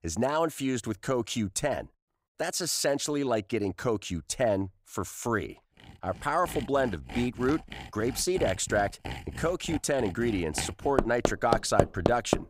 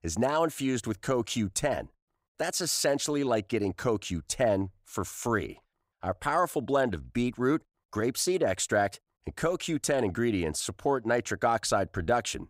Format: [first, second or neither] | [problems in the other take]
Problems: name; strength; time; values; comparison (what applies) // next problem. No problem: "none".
second | machinery noise; loud; from 6 s on; 5 dB below the speech